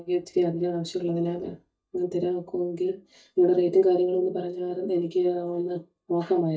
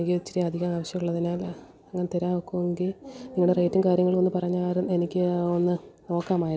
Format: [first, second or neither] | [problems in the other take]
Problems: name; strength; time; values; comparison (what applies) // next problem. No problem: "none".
second | noise reduction (neural mask model DeepFilterNet 3)